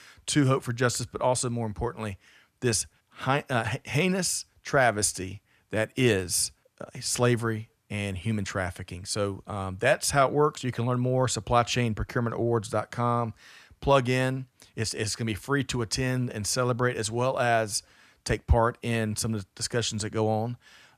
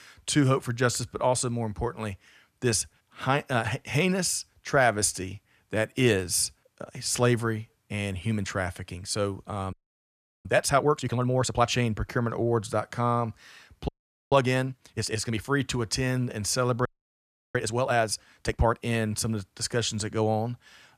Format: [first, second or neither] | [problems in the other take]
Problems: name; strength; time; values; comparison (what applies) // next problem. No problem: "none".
first | audio freezing; at 9.5 s for 0.5 s, at 14 s and at 17 s for 0.5 s